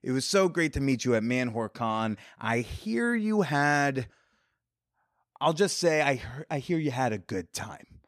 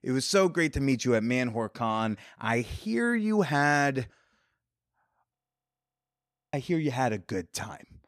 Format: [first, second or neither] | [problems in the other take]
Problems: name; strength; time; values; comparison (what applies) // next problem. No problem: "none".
first | audio freezing; at 5.5 s for 1 s